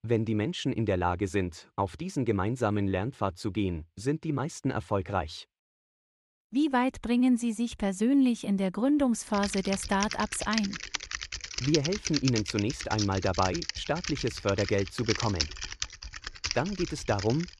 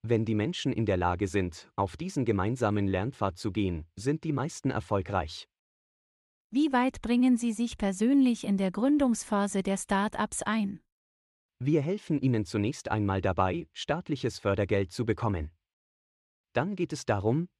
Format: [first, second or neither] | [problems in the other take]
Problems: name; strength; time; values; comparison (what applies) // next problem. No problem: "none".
second | keyboard typing; noticeable; from 9.5 s on; peak 1 dB below the speech